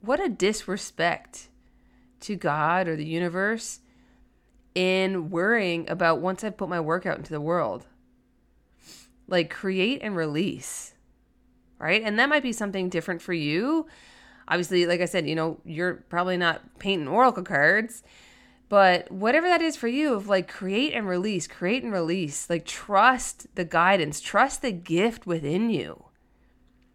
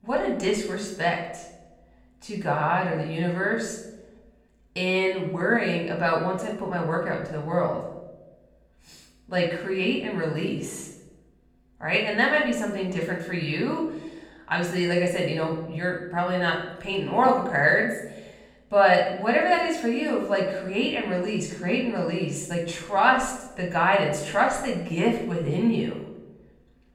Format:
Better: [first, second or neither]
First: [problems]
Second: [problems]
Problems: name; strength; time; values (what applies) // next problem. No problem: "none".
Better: first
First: none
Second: off-mic speech; somewhat distant // room echo; noticeable; dies away in 0.8 s